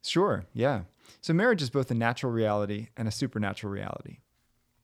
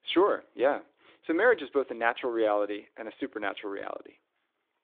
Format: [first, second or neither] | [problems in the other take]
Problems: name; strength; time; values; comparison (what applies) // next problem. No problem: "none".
first | phone-call audio; nothing above 3.5 kHz